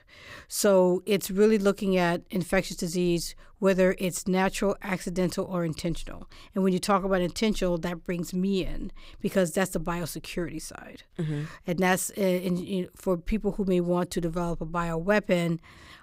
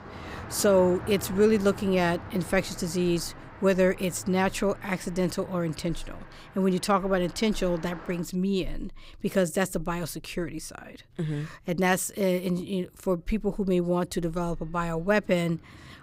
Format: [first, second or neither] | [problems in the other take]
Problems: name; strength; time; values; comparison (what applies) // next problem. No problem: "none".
first | traffic noise; noticeable; throughout; 15 dB below the speech